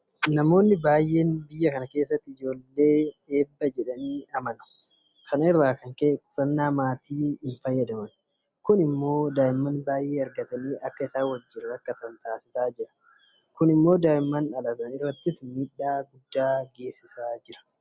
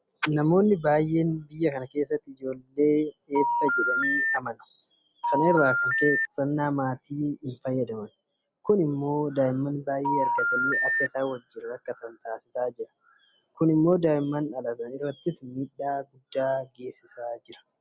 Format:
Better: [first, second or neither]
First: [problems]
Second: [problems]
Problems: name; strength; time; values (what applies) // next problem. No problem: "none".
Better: first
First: none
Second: background sound (Telephone); 1 dB above the speech